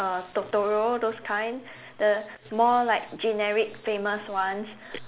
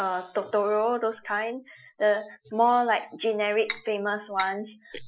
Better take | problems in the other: first | noise reduction (classical method Wiener filter)

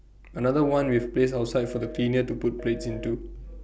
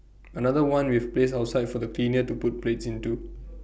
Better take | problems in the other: second | background sound (Telephone); 17 dB below the speech

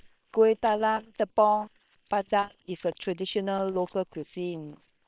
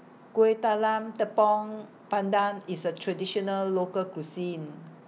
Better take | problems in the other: second | noise reduction (neural separator model SepFormer WHAM!)

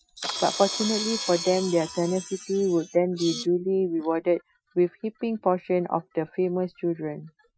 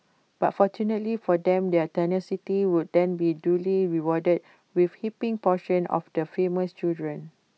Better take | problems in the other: second | noise reduction (classical method Wiener filter)

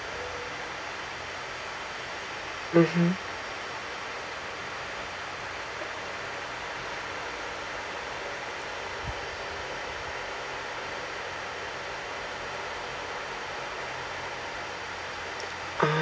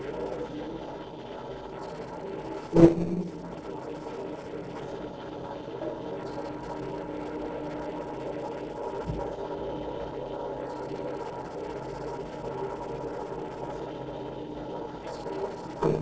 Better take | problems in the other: first | noise reduction (neural separator model SepFormer DNS4)

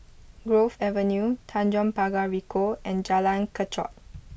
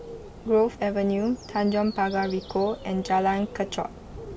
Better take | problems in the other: first | background sound (Bird); 15 dB below the speech

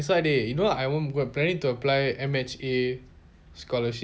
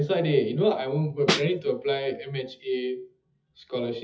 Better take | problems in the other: first | noise reduction (classical method WPE with log-MMSE)

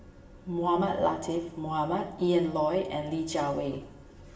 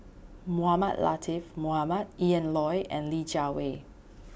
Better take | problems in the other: second | room echo; dies away in 1.4 s

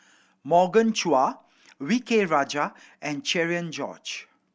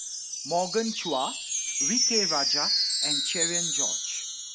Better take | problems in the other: first | background sound (Wind chime); 5 dB above the speech

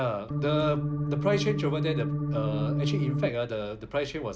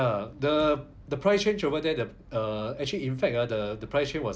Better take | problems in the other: second | background sound (Organ); 2 dB above the speech

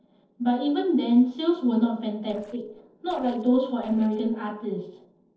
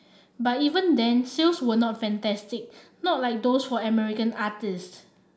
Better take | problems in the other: second | noise reduction (neural separator model SepFormer DNS4)

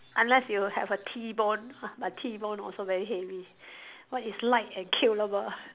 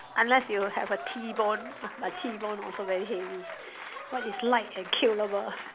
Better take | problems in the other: first | background sound (Applause / Crowd); 12 dB below the speech

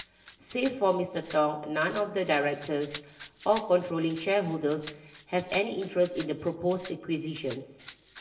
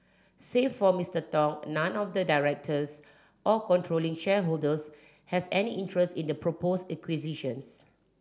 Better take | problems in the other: second | background sound (Rattle (instrument)); 20 dB below the speech // room echo; dies away in 0.8 s

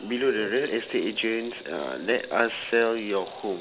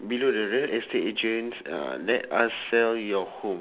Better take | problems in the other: second | background sound (Sink (filling or washing) / Water tap, faucet); 19 dB below the speech

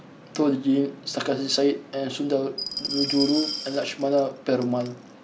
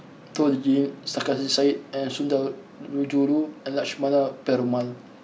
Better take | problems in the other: second | background sound (Glass); 8 dB below the speech

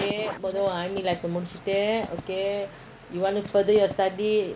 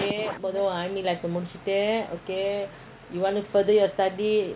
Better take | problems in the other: second | background sound (Writing); 16 dB below the speech

